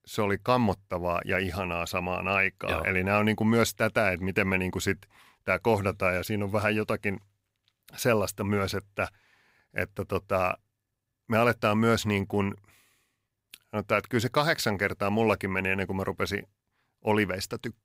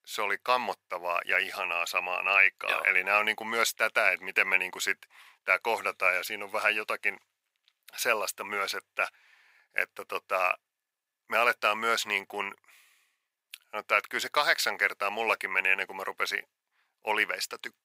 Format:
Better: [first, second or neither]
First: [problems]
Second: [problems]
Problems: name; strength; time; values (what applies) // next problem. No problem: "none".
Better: first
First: none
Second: thin; very; fading below 750 Hz